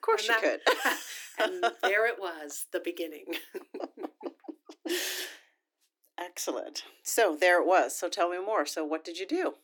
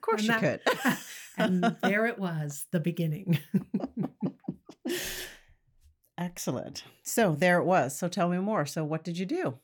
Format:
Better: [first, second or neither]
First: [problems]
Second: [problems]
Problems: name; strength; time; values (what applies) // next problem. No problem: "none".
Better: second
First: thin; very; fading below 300 Hz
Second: none